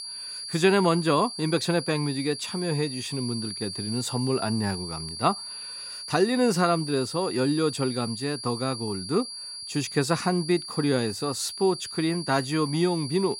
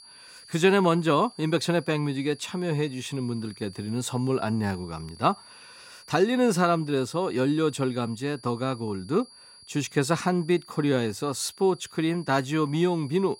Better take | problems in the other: second | high-pitched whine; loud; throughout; 4.5 kHz, 8 dB below the speech; faint in the second

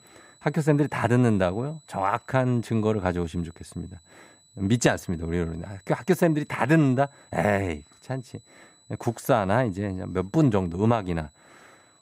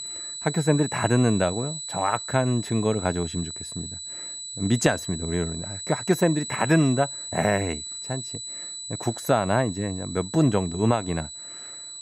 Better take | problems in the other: first | high-pitched whine; loud; throughout; 4 kHz, 8 dB below the speech; faint in the first

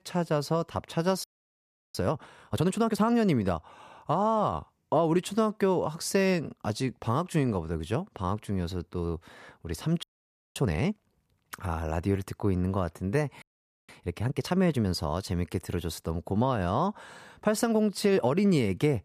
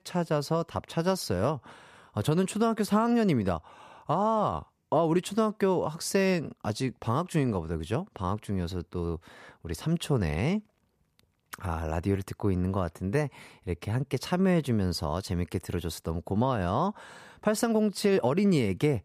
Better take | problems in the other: second | audio freezing; at 1 s for 0.5 s, at 10 s for 0.5 s and at 13 s

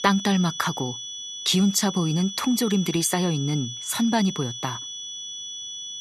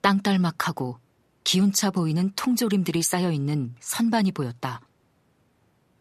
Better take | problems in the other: second | high-pitched whine; loud; throughout; 3.5 kHz, 8 dB below the speech

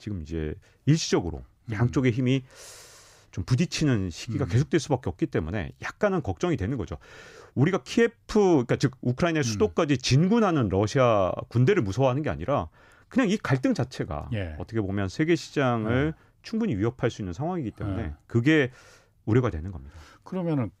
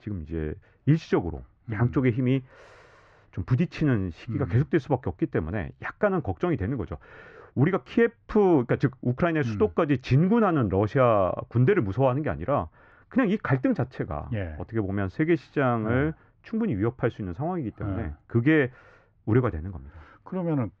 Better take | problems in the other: first | muffled; very; fading above 2 kHz

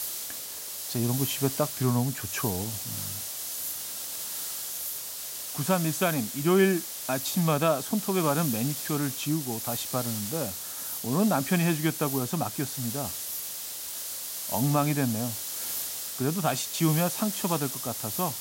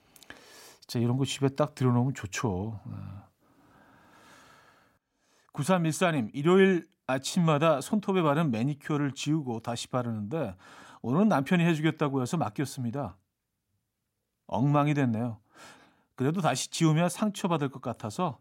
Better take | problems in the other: second | hiss; loud; throughout; 4 dB below the speech

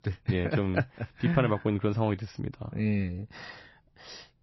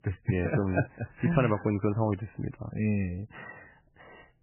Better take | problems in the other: first | garbled, watery; badly; nothing above 3 kHz; slightly in the first

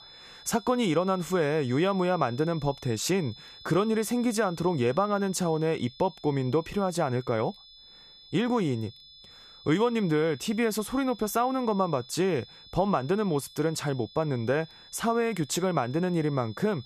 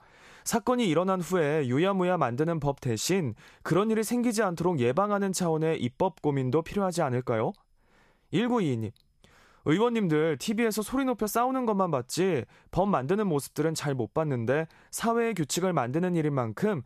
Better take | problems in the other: second | high-pitched whine; faint; throughout; 3.5 kHz, 20 dB below the speech

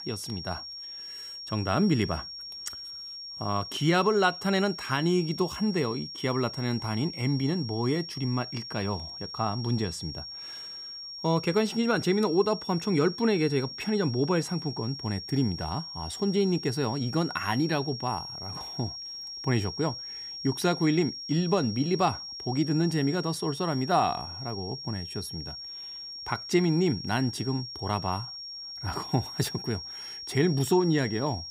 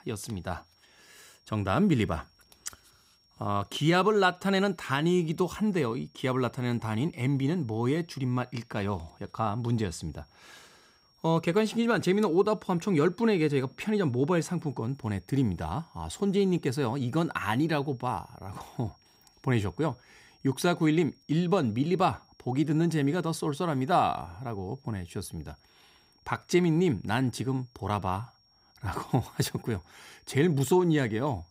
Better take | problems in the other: second | high-pitched whine; loud; throughout; 5.5 kHz, 9 dB below the speech; faint in the second

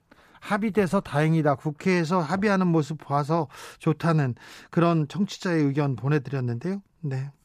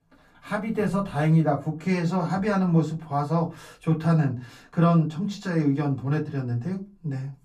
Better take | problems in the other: first | off-mic speech; far // room echo; very slight; dies away in 0.2 s

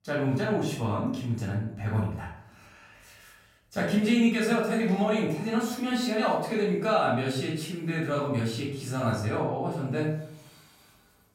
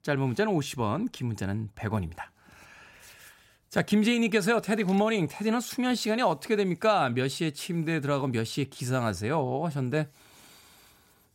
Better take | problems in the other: second | off-mic speech; far // room echo; noticeable; dies away in 0.6 s

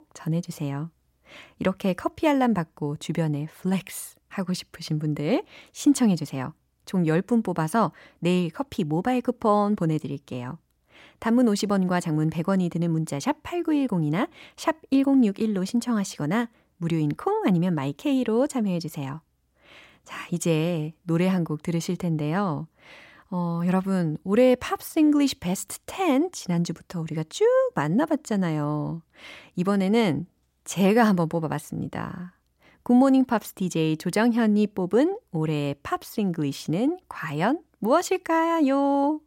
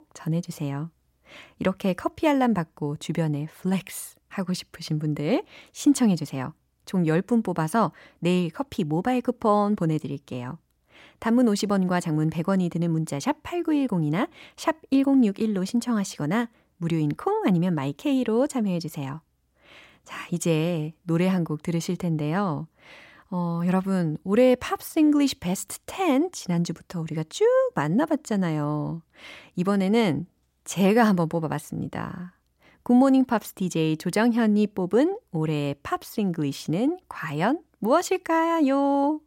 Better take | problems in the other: neither | none

